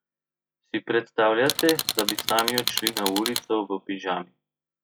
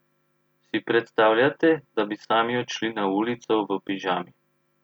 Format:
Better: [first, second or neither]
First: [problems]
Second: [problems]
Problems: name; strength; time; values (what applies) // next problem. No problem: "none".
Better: second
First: noise reduction (classical method log-MMSE)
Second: none